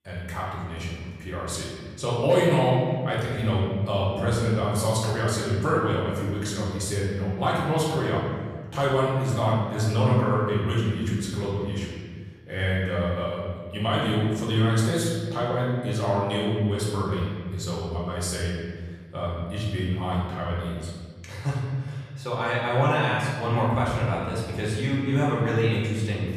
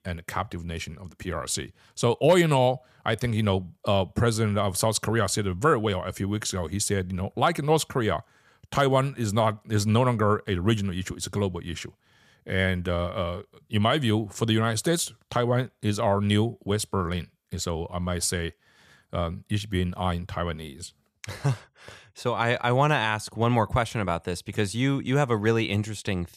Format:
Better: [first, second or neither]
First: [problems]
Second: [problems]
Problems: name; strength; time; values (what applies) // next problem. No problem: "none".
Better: second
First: room echo; noticeable; dies away in 1.6 s // off-mic speech; far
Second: none